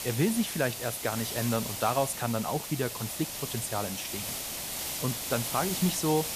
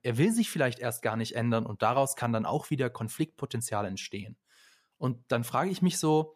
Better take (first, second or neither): second